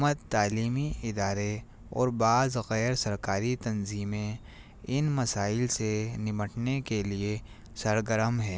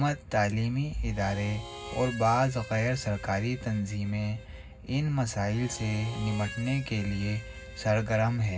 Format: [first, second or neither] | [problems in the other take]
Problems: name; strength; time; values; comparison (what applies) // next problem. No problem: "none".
first | background sound (Harmonica); 17 dB below the speech // room echo; dies away in 0.4 s